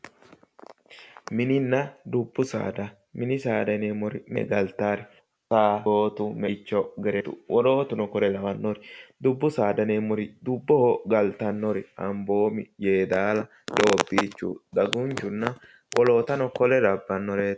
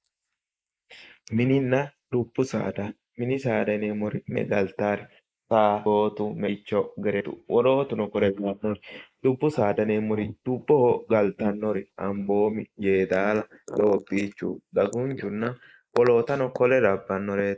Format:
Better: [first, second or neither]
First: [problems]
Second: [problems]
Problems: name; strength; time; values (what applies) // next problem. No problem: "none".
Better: first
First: none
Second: noise reduction (neural mask model Resemble Enhance denoiser)